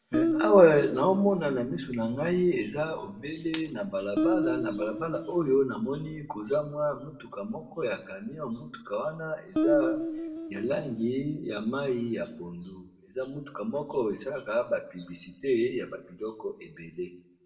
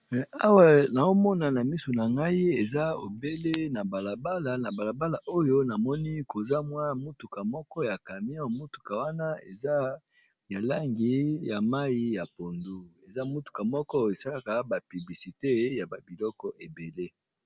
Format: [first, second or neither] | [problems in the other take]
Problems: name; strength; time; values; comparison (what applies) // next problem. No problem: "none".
second | background sound (Guitar); 1 dB below the speech // room echo; dies away in 0.5 s